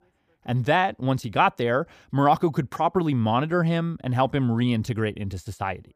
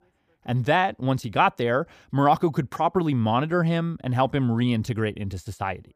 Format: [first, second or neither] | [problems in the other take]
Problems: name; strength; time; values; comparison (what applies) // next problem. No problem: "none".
neither | none